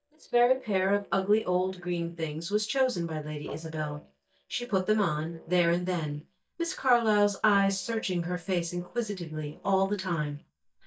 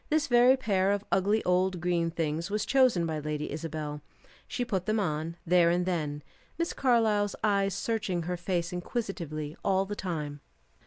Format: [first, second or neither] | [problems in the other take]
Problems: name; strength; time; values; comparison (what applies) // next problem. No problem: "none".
second | noise reduction (neural mask model DeepFilterNet 3)